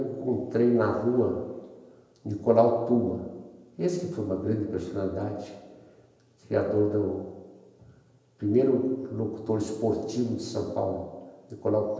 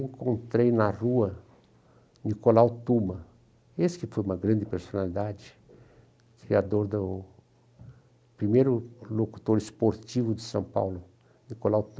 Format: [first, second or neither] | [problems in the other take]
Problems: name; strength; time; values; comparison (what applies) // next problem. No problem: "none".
second | room echo; dies away in 1 s